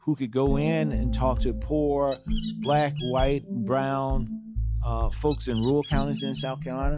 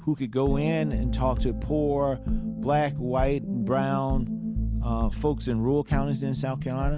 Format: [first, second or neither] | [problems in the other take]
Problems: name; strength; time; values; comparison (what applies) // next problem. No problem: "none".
second | noise reduction (classical method log-MMSE)